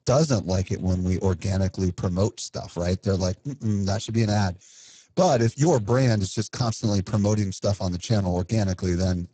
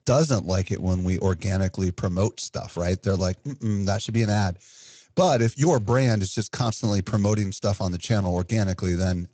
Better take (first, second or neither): second